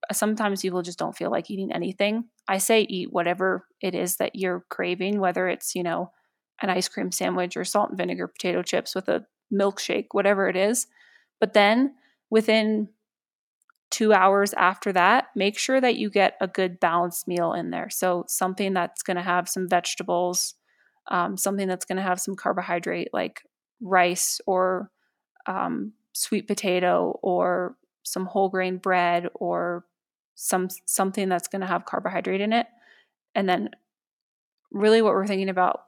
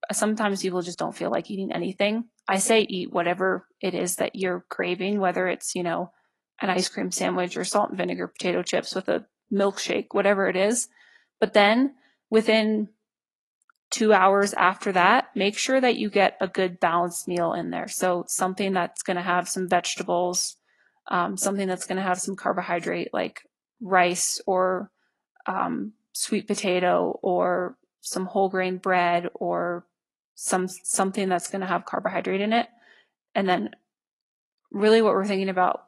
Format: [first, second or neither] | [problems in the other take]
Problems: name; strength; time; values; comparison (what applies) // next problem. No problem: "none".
first | garbled, watery; slightly; nothing above 11.5 kHz